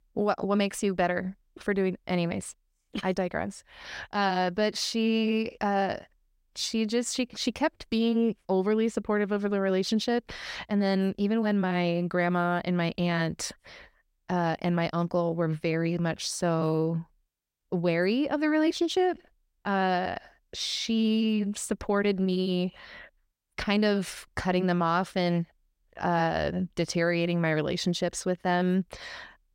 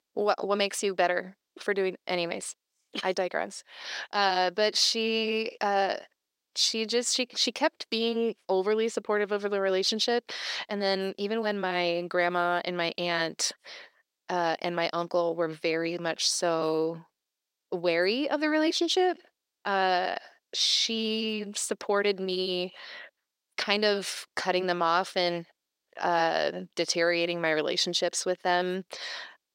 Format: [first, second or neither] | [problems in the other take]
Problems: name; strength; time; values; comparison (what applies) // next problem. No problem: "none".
first | thin; somewhat; fading below 400 Hz